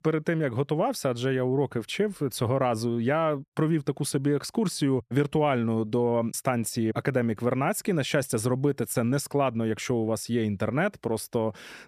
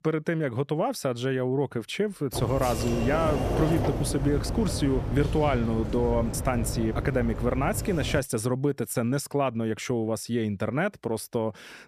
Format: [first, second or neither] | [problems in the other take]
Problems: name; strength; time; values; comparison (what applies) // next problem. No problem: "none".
first | door banging; loud; from 2.5 to 8 s; peak level with the speech